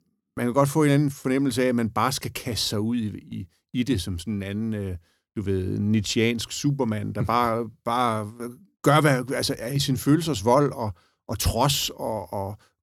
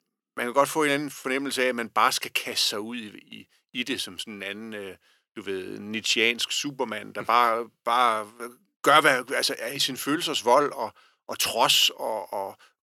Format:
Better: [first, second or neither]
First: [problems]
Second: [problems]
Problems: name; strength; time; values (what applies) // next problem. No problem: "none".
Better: first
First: none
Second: thin; somewhat; fading below 450 Hz